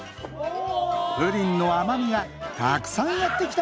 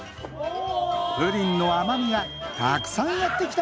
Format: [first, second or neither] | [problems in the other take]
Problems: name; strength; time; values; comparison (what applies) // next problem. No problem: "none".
first | background sound (Squeak / Vehicle); 13 dB below the speech